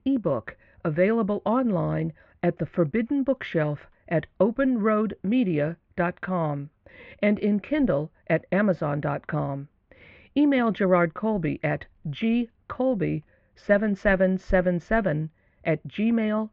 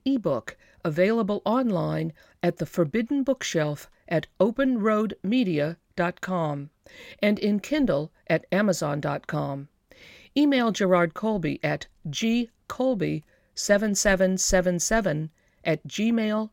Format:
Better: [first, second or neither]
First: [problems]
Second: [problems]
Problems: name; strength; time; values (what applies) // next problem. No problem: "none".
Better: second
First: muffled; very slightly; fading above 2.5 kHz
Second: none